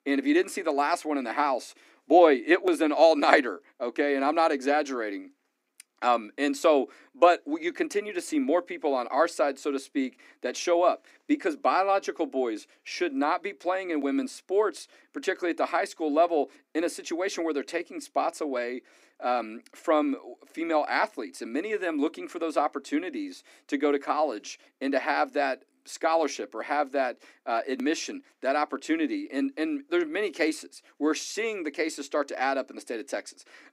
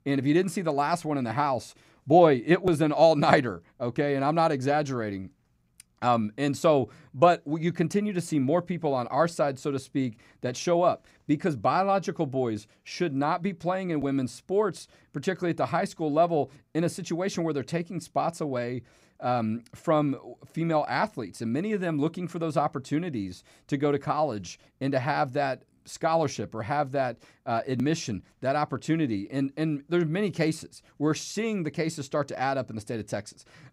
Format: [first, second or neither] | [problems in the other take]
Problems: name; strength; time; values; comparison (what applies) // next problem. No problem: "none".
second | thin; very slightly; fading below 250 Hz